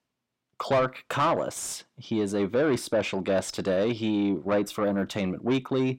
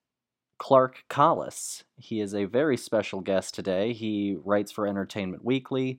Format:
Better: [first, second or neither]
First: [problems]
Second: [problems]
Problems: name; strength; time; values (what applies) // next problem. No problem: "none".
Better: second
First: distortion; heavy; 7 dB below the speech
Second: none